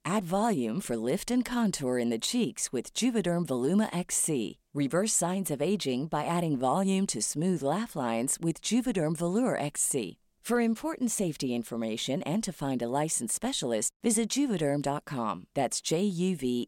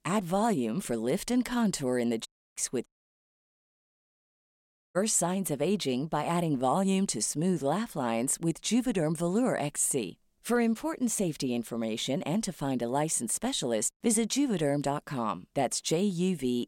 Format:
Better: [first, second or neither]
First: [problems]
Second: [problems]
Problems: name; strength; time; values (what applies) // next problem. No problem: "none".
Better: first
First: none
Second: audio cutting out; at 2.5 s and at 3 s for 2 s